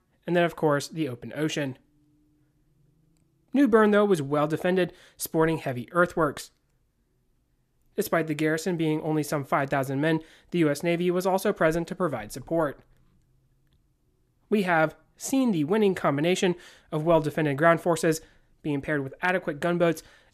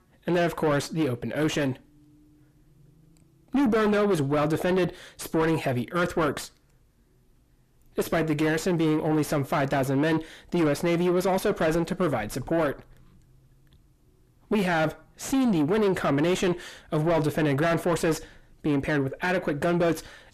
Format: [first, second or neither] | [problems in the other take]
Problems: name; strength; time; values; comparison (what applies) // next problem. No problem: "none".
first | distortion; heavy; 6 dB below the speech